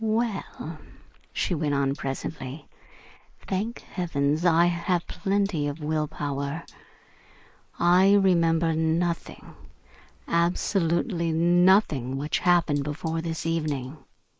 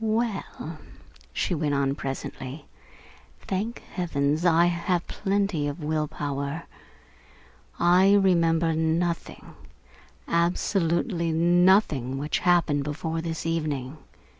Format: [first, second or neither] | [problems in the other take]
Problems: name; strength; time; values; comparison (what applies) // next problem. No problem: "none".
second | noise reduction (neural mask model Resemble Enhance denoiser)